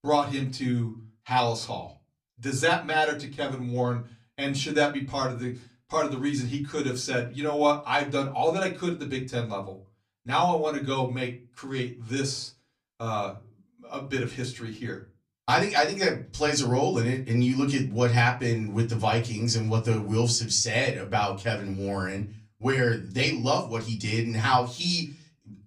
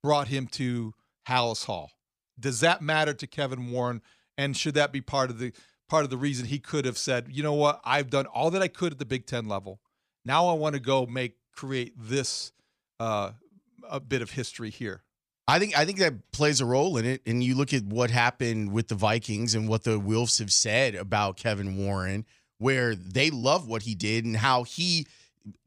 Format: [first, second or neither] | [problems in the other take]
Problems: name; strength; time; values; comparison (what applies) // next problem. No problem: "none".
second | off-mic speech; far // room echo; very slight; dies away in 0.3 s